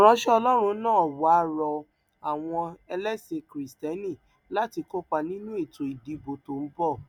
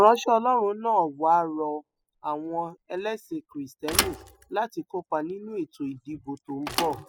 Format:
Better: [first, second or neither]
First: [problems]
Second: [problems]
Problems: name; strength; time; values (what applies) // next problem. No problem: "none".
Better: first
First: none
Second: noise reduction (classical method spectral subtraction)